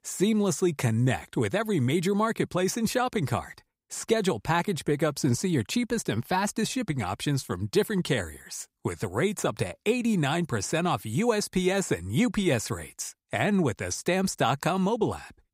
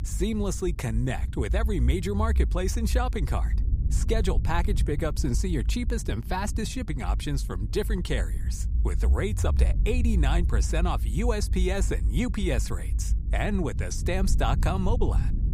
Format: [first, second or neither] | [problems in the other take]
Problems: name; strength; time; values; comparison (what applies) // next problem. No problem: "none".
first | low rumble; noticeable; throughout; 15 dB below the speech